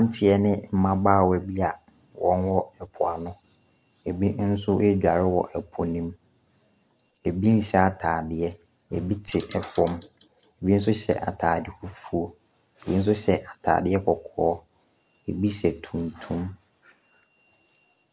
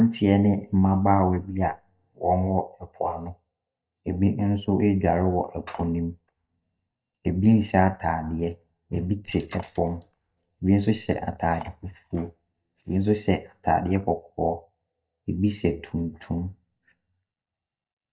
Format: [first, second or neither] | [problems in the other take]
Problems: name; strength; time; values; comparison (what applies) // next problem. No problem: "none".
first | noise reduction (neural mask model DeepFilterNet 3)